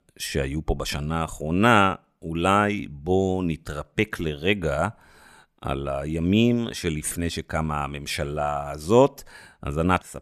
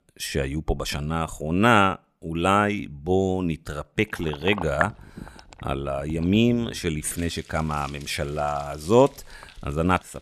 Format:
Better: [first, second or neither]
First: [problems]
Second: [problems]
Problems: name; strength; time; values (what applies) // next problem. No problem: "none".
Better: first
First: none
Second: household noises; noticeable; from 4.5 s on; 15 dB below the speech